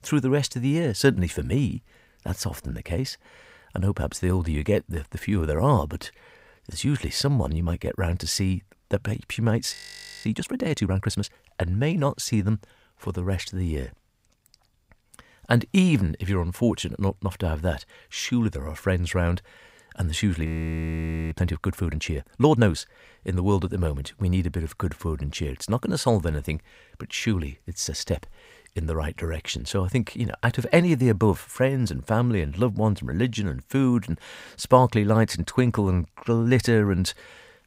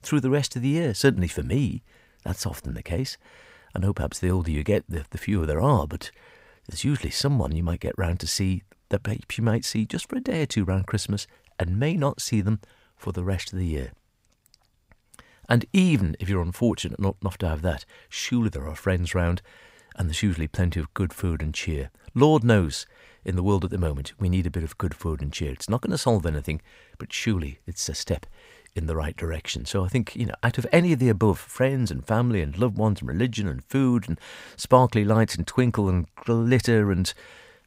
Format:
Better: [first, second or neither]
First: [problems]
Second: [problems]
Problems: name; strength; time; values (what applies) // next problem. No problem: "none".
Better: second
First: audio freezing; at 9.5 s for 0.5 s and at 20 s for 1 s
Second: none